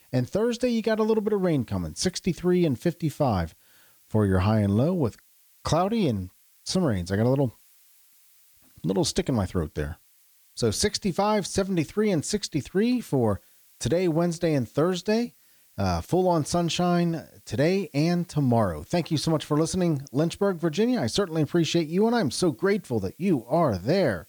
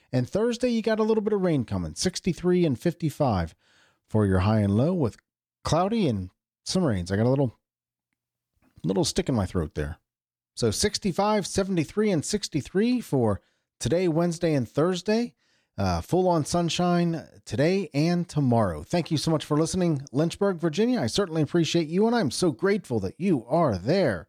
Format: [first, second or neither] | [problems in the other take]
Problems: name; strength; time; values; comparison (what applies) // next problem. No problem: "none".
second | hiss; faint; throughout; 30 dB below the speech